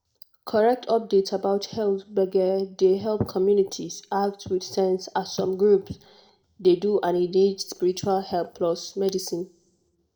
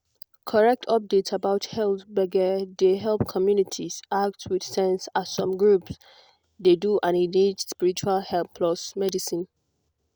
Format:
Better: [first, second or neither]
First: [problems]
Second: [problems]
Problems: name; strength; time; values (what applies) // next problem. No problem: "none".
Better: second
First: room echo; dies away in 0.5 s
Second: none